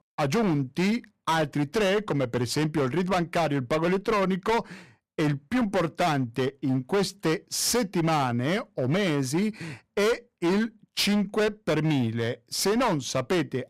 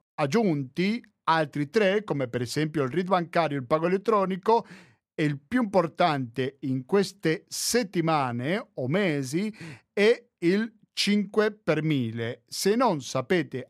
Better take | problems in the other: second | distortion; heavy; 19% of the sound clipped

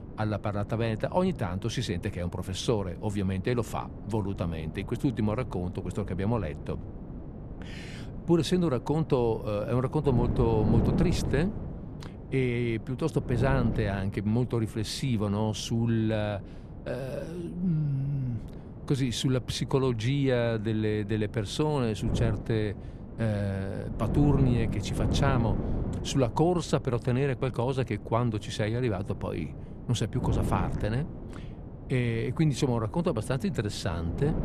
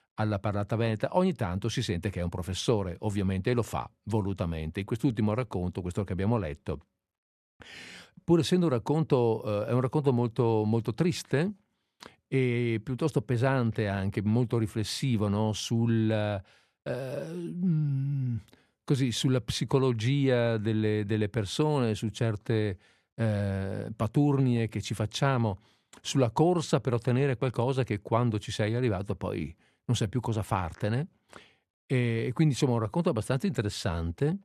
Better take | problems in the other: second | wind noise on the microphone; occasional gusts; 10 dB below the speech

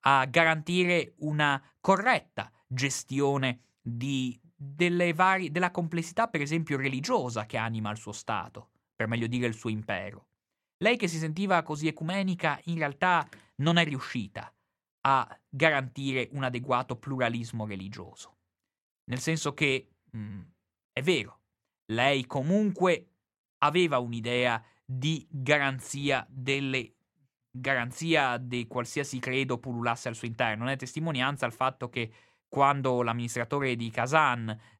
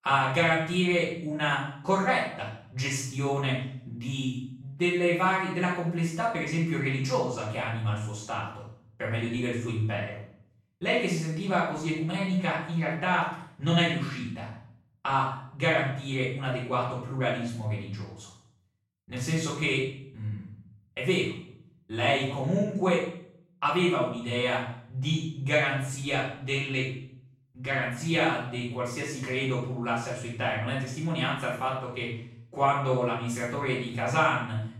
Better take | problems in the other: first | room echo; noticeable; dies away in 0.6 s // off-mic speech; far

